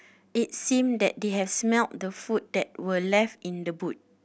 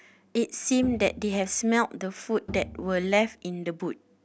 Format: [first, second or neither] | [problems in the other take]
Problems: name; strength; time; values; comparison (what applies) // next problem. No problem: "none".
first | background sound (Bowed string instrument); 16 dB below the speech